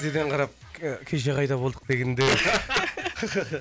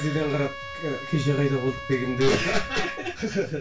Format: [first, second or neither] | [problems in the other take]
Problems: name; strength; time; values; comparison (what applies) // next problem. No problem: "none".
first | background sound (Trumpet); 12 dB below the speech // room echo; dies away in 0.2 s